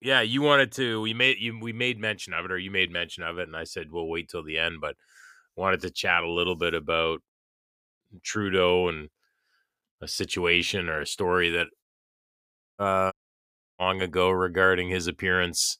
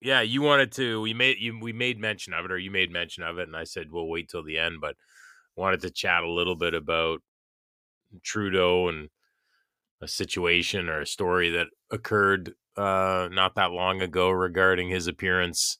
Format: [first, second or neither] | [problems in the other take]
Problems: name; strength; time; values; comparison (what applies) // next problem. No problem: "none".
second | audio cutting out; at 12 s for 1 s and at 13 s for 0.5 s